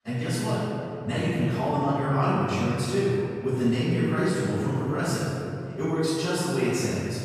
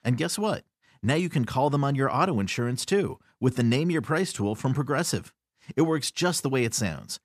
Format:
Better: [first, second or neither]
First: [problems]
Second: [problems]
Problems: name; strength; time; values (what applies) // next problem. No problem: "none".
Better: second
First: off-mic speech; far // room echo; strong; dies away in 2.5 s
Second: none